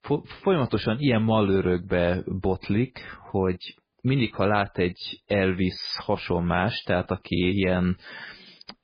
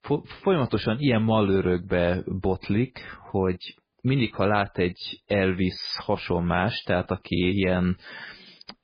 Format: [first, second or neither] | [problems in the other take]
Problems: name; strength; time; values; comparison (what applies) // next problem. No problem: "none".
neither | garbled, watery; badly; nothing above 5 kHz; the same in both